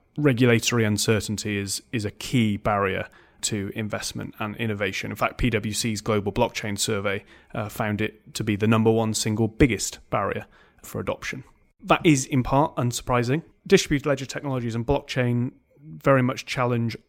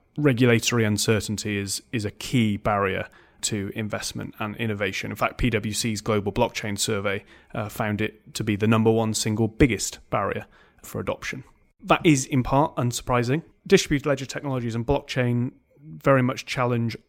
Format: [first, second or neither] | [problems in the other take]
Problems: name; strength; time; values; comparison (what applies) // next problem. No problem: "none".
neither | none